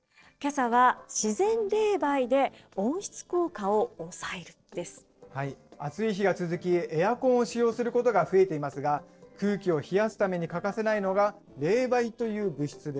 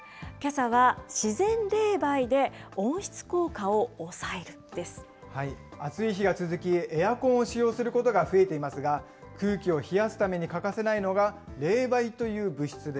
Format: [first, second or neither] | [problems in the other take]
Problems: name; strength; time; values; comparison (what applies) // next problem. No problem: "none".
second | noise reduction (neural separator model SepFormer DNS4)